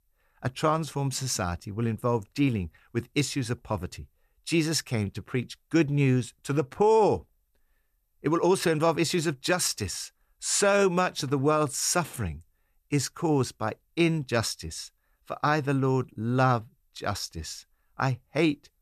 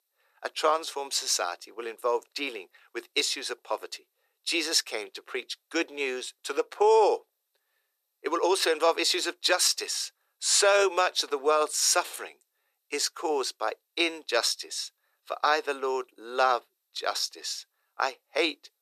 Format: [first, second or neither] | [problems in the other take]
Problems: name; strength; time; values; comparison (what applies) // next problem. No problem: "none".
first | thin; very; fading below 400 Hz